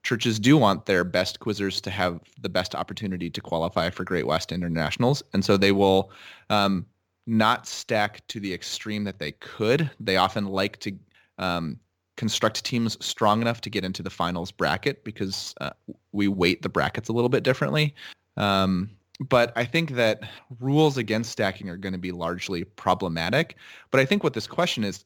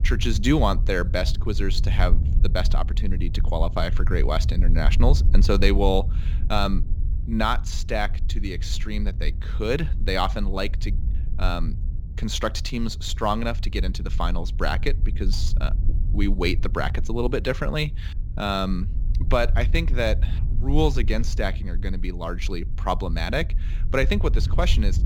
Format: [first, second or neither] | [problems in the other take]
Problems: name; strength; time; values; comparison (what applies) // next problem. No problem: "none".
first | low rumble; noticeable; throughout; 15 dB below the speech